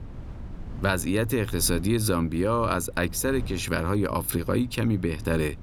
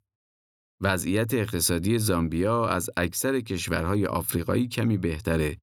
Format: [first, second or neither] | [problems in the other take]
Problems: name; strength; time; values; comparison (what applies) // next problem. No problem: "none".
second | wind noise on the microphone; occasional gusts; 25 dB below the speech